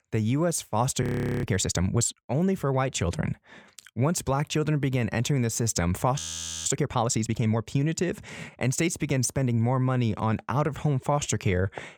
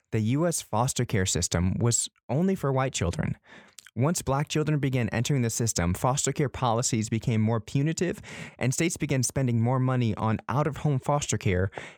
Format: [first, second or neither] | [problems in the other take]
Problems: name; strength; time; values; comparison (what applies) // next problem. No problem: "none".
second | audio freezing; at 1 s and at 6 s